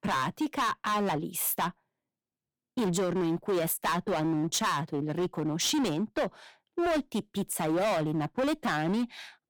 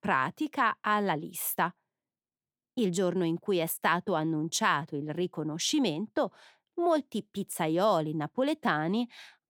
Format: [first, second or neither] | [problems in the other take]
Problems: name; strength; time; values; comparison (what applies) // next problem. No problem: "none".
second | distortion; heavy; 17% of the sound clipped